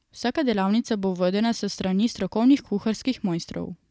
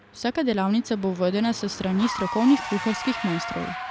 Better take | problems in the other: first | background sound (Engine / Car); 10 dB below the speech

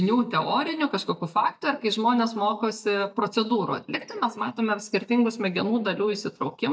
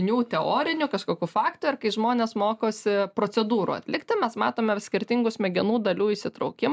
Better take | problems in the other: second | noise reduction (neural mask model DeepFilterNet 3)

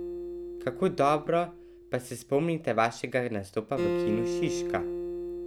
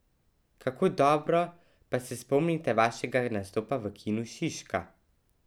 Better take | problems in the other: second | background sound (Acoustic guitar); 4 dB below the speech

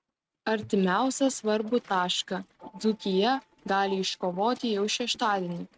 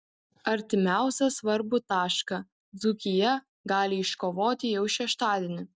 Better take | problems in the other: second | noise reduction (neural mask model RNNoise)

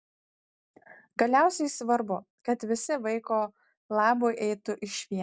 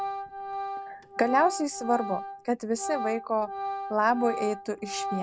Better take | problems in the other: first | background sound (Organ); 6 dB below the speech

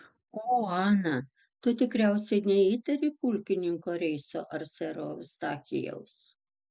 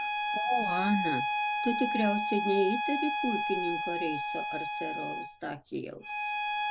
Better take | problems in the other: first | background sound (Bowed string instrument); 1 dB above the speech

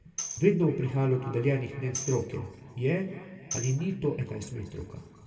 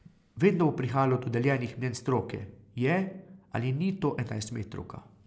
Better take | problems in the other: second | background sound (Tambourine); 13 dB below the speech // room echo; dies away in 2.4 s

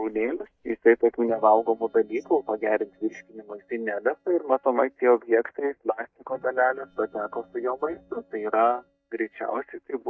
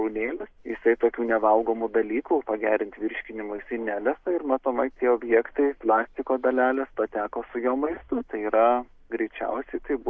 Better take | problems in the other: second | noise reduction (neural mask model DeepFilterNet 3)

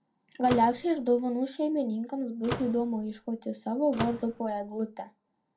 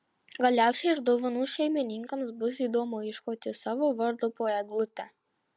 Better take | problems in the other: second | background sound (Slam / Microwave oven); 11 dB below the speech // room echo; dies away in 0.2 s

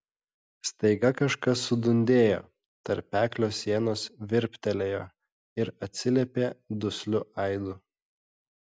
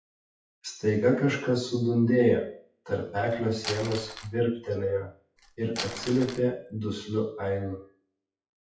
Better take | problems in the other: first | noise reduction (classical method WPE with log-MMSE)

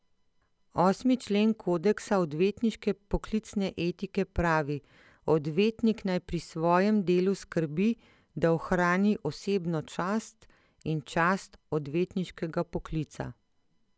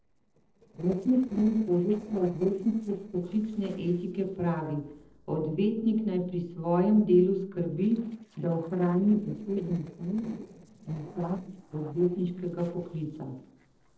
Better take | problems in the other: first | noise reduction (neural separator model SepFormer DNS4)

